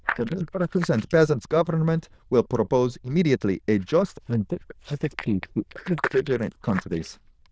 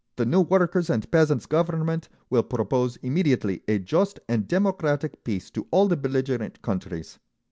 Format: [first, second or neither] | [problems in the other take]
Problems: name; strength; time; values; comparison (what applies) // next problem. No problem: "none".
second | noise reduction (neural diffusion model UNIVERSE++)